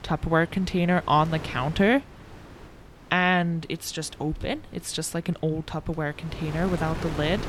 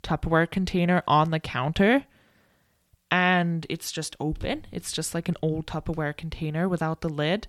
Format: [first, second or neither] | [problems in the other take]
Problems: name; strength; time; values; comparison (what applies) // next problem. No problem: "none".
second | wind noise on the microphone; occasional gusts; 15 dB below the speech